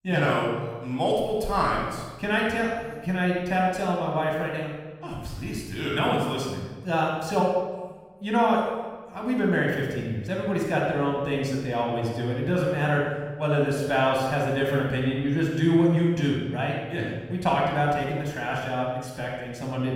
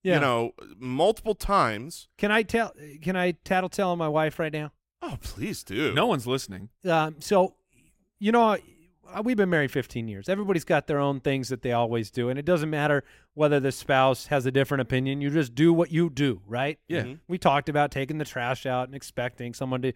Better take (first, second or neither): second